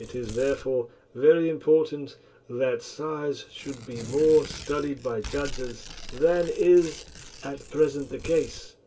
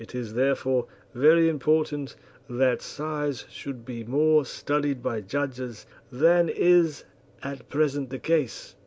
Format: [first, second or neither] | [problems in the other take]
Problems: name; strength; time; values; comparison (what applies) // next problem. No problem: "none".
second | background sound (Tearing); 16 dB below the speech // room echo; dies away in 0.2 s